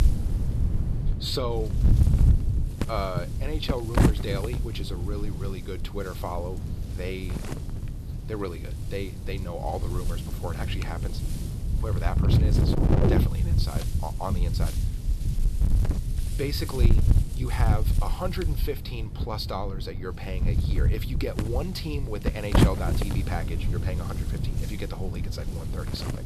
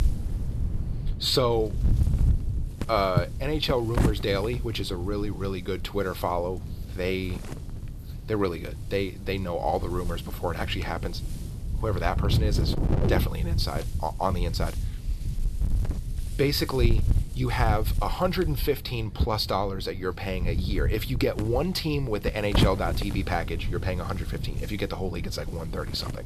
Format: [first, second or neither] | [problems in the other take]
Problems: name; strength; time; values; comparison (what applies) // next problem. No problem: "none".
second | wind noise on the microphone; heavy; 3 dB below the speech; occasional gusts in the second